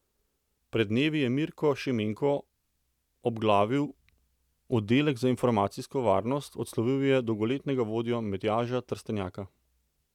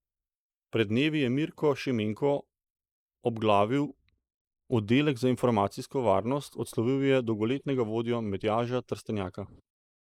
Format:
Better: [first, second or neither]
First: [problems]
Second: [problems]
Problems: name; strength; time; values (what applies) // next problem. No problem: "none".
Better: first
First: none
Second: noise reduction (neural mask model Resemble Enhance denoiser)